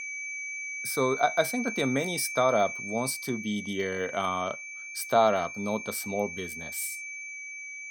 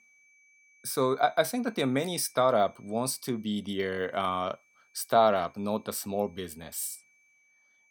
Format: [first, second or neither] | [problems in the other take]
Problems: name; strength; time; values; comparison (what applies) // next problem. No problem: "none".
second | high-pitched whine; loud; throughout; 2.5 kHz, 7 dB below the speech; faint in the second